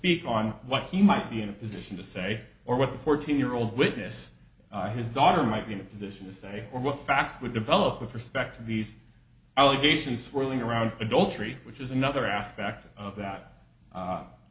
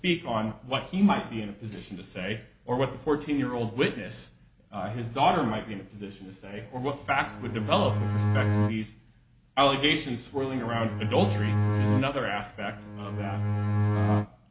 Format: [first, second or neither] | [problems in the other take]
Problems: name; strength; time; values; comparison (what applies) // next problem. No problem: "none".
first | background sound (Bowed string instrument); 2 dB above the speech